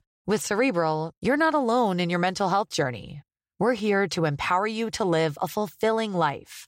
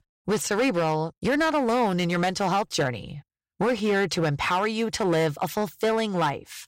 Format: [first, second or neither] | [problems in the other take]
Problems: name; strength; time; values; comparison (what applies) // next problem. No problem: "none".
first | distortion; slight; 11% of the sound clipped